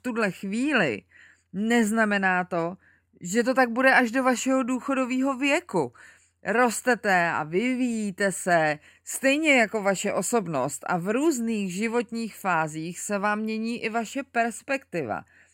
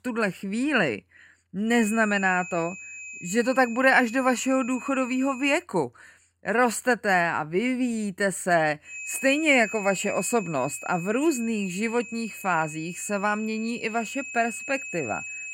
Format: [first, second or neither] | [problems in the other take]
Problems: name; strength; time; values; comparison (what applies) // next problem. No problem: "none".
first | high-pitched whine; noticeable; from 1.5 to 5.5 s and from 9 s on; 2.5 kHz, 10 dB below the speech